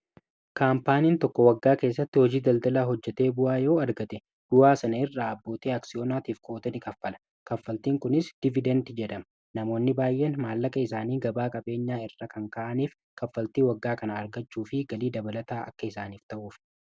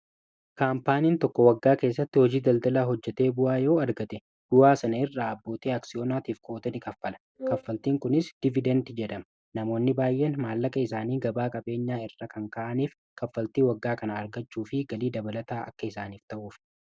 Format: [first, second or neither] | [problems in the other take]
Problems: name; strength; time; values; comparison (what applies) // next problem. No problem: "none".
first | noise reduction (neural mask model DeepFilterNet 3)